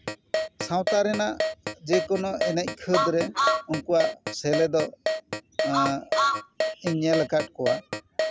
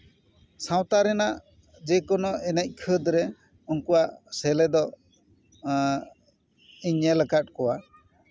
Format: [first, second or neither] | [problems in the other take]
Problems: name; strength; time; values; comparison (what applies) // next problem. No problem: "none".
second | background sound (Keyboard (musical) + Truck); 1 dB below the speech